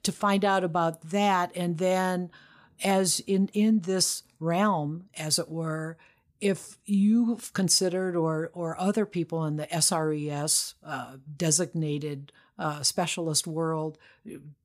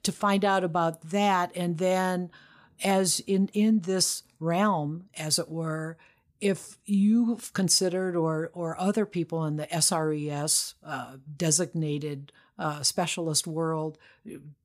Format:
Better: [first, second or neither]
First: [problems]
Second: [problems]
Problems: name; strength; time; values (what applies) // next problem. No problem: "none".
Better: neither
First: none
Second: none